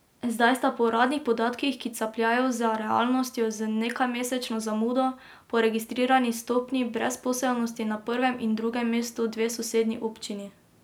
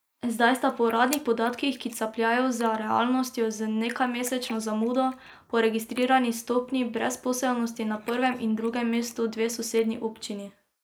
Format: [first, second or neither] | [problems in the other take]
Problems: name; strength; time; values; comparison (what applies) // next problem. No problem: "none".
first | noise reduction (neural mask model Resemble Enhance denoiser)